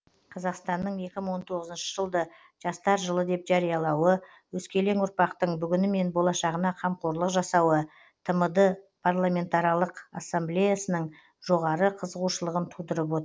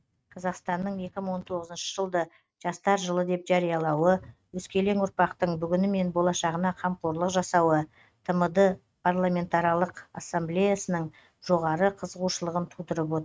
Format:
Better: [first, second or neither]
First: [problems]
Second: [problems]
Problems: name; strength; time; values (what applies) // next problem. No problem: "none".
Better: first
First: none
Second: noise reduction (neural mask model RNNoise)